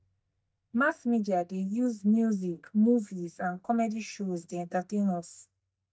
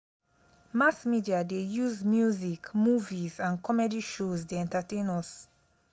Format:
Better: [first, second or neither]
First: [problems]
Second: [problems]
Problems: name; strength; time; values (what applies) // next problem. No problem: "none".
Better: second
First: noise reduction (neural mask model DeepFilterNet 3)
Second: none